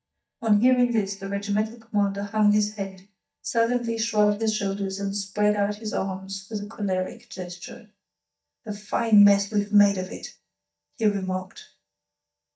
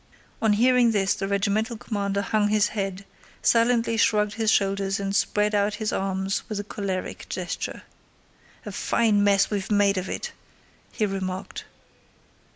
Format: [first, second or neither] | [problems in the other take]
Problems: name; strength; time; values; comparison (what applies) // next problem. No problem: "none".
second | noise reduction (neural mask model DeepFilterNet 3)